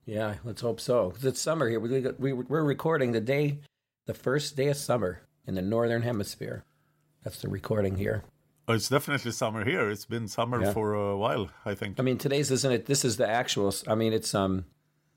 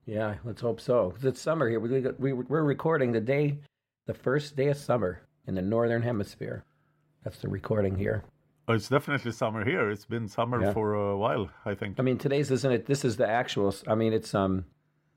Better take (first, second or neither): first